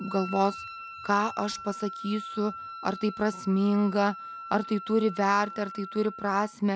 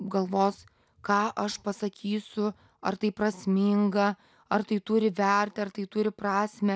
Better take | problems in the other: second | background sound (Wind instrument, woodwind instrument); 13 dB below the speech

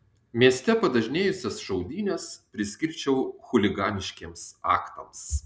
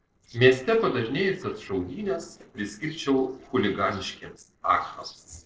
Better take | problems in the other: first | noise reduction (neural separator model SepFormer DNS4)

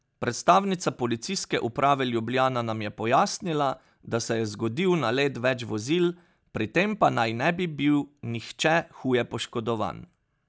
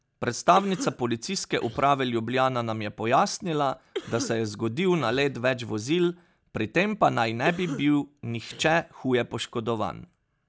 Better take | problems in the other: first | background sound (Cough); 14 dB below the speech

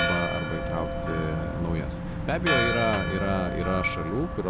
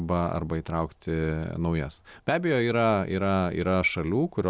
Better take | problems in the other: second | background sound (Wind + Church bell); as loud as the speech

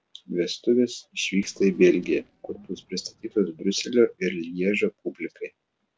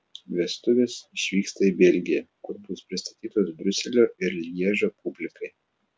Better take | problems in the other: second | noise reduction (neural separator model SepFormer DNS4)

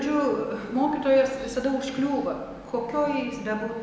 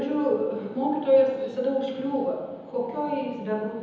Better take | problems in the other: first | room echo; dies away in 0.7 s

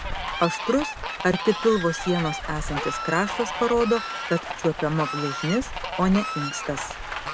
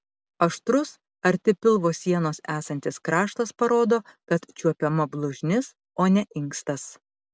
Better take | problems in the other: second | background sound (Fowl + Rain); 6 dB below the speech

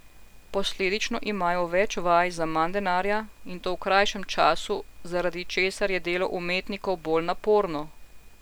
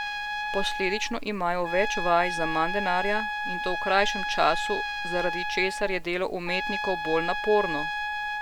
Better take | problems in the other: first | background sound (Trumpet); 4 dB below the speech

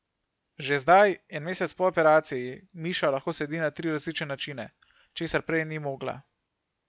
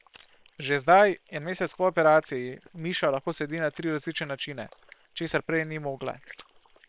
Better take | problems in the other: first | noise reduction (neural separator model SepFormer WHAM!)

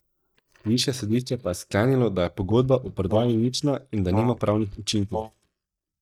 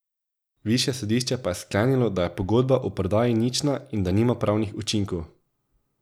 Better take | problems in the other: second | noise reduction (neural mask model DeepFilterNet 3)

